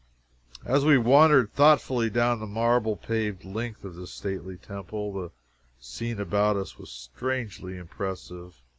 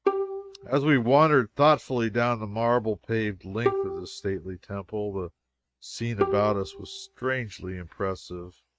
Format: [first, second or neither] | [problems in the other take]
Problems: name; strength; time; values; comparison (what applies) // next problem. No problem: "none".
first | noise reduction (neural mask model RNNoise)